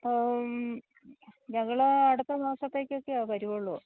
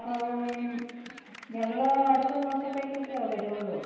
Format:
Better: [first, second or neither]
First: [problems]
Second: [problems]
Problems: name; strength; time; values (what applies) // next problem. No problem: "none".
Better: first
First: none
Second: background sound (Clapping); 19 dB below the speech // room echo; dies away in 1.2 s